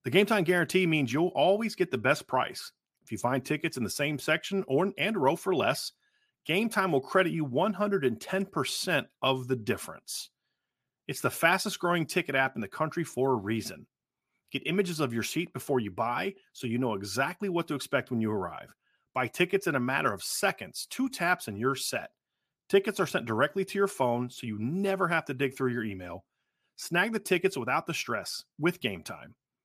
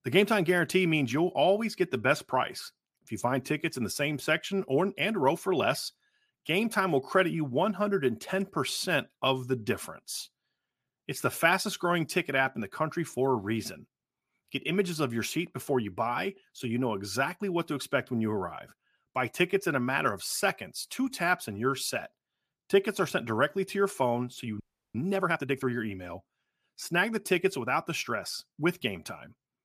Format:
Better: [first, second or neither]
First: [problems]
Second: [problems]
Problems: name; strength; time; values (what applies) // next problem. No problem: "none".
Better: first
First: none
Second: audio freezing; at 25 s